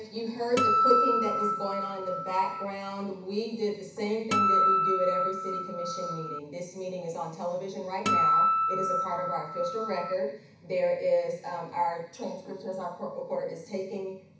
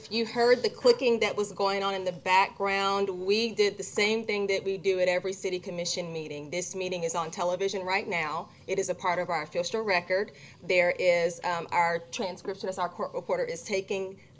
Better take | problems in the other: second | background sound (Acoustic guitar); 5 dB above the speech // room echo; dies away in 0.7 s

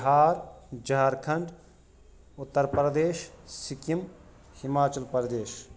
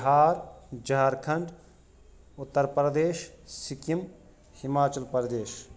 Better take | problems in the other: second | background sound (Gunshot, gunfire); 17 dB below the speech

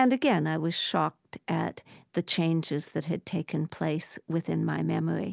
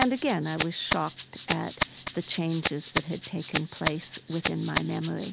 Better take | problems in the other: first | background sound (Rattle (instrument)); 3 dB below the speech

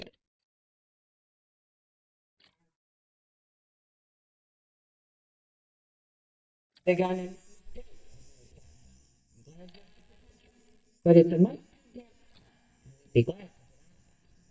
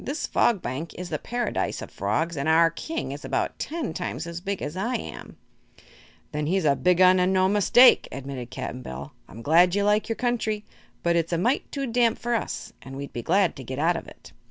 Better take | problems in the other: second | noise reduction (neural mask model DeepFilterNet 3)

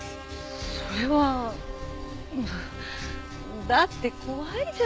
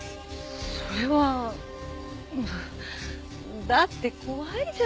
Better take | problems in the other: second | background sound (Trumpet + Bird vocalization, bird call, bird song); 14 dB below the speech

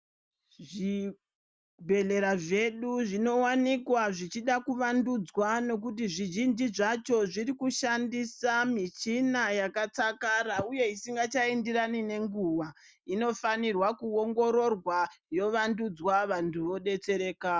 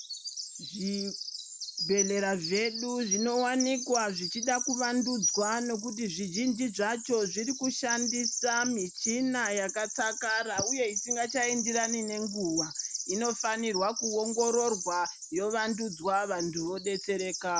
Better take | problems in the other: first | background sound (Bird vocalization, bird call, bird song); 5 dB below the speech

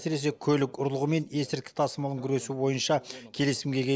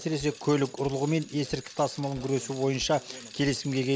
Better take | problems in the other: first | background sound (Bicycle); 18 dB below the speech

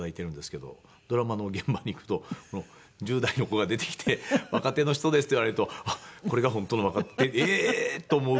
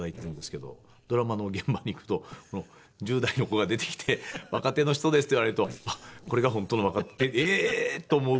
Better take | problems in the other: first | noise reduction (neural separator model SepFormer DNS4)

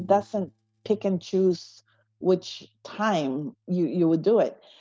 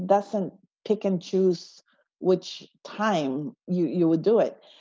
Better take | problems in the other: second | noise reduction (neural mask model RNNoise)

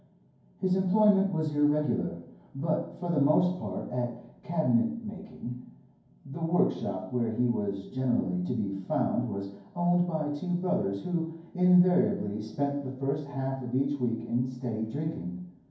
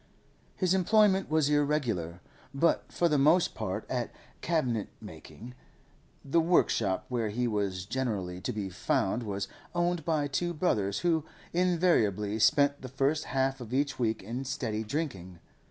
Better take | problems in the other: second | room echo; dies away in 0.9 s

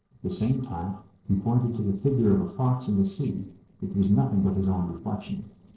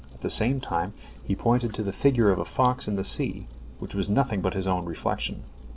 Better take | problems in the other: second | noise reduction (neural separator model SepFormer DNS4)

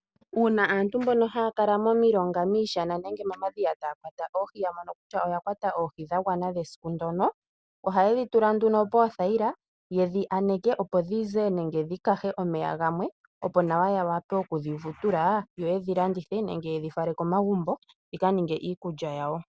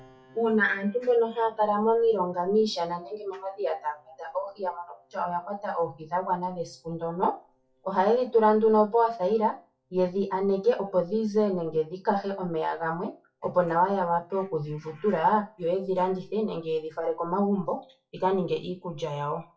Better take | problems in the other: first | noise reduction (classical method WPE with log-MMSE)

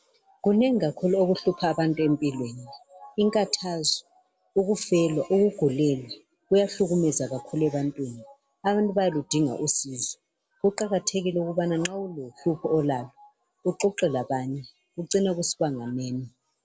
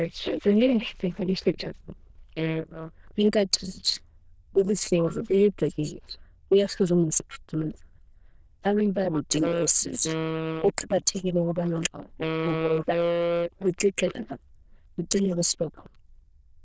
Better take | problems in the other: first | noise reduction (neural diffusion model UNIVERSE++)

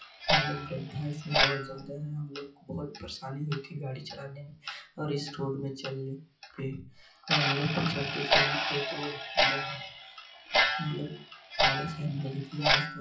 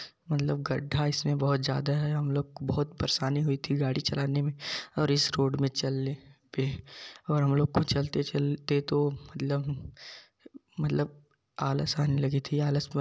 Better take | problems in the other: second | noise reduction (classical method WPE with log-MMSE)

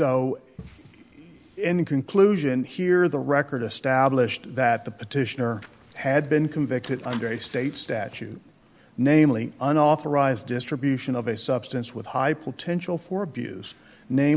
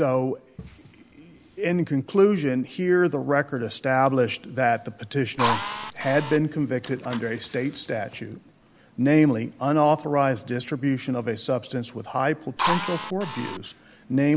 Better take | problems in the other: first | background sound (Drill); 4 dB below the speech

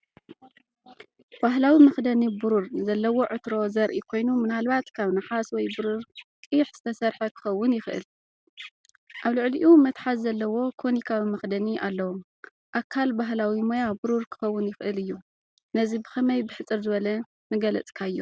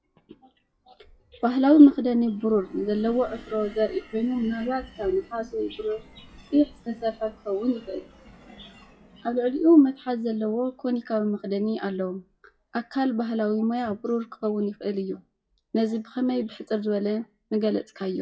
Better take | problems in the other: first | noise reduction (classical method WPE with log-MMSE)

